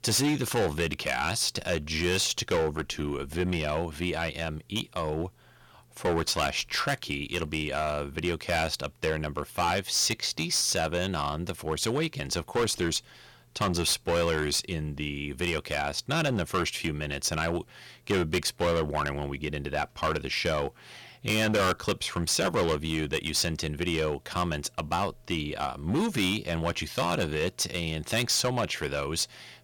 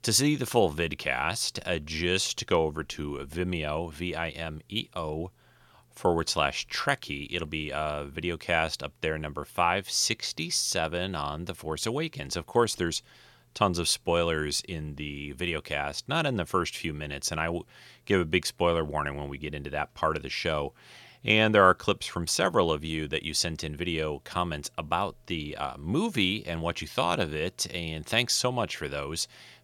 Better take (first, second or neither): second